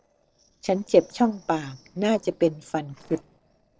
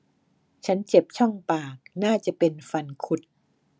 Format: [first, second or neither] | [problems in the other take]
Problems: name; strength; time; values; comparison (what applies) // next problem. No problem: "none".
second | noise reduction (neural separator model SepFormer DNS4)